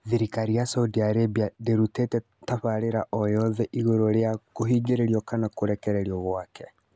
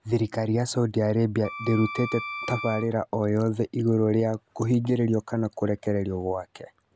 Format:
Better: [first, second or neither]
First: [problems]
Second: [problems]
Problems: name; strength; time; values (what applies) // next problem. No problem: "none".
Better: first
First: none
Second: background sound (Wind instrument, woodwind instrument); 11 dB below the speech